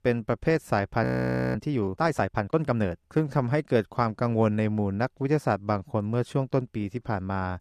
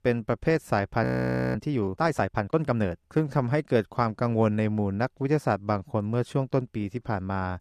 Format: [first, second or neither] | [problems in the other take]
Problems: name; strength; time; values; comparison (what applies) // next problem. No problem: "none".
neither | audio freezing; at 1 s for 0.5 s; the same in both